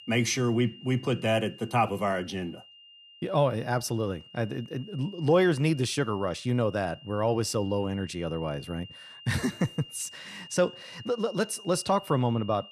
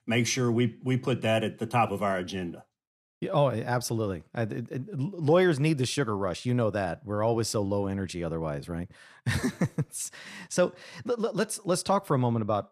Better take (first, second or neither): second